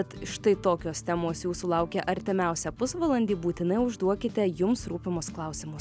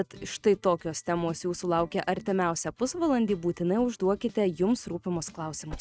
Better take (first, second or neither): first